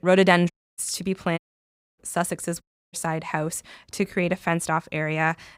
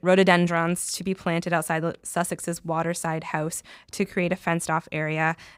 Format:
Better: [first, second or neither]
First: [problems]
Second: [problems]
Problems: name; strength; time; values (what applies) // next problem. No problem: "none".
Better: second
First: audio cutting out; at 0.5 s, at 1.5 s for 0.5 s and at 2.5 s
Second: none